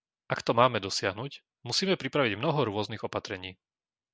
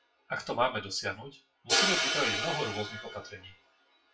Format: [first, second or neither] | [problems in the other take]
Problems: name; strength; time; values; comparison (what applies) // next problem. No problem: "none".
first | noise reduction (classical method WPE with log-MMSE)